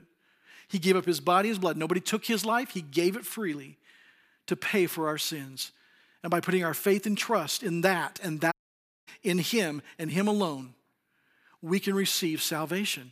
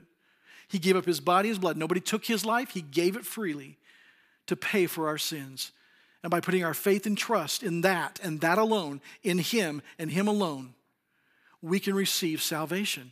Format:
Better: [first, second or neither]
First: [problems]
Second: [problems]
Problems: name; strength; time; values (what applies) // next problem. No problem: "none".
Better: second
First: audio cutting out; at 8.5 s for 0.5 s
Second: none